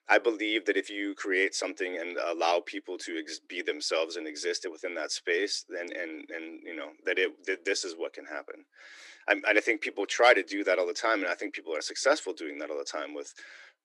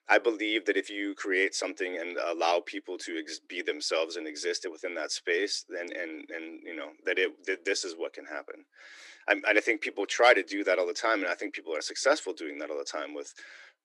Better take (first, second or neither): neither